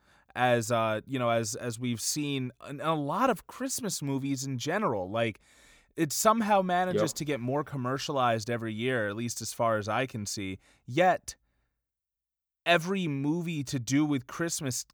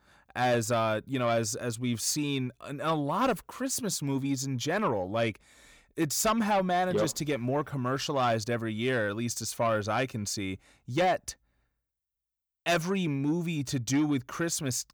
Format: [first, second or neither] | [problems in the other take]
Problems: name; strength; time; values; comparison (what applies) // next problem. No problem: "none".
first | distortion; slight; 10 dB below the speech